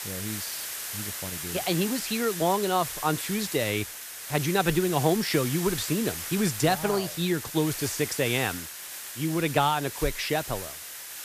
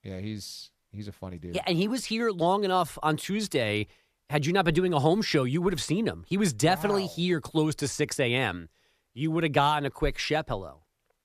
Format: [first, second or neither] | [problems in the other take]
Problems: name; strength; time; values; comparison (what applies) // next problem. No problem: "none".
second | hiss; loud; throughout; 6 dB below the speech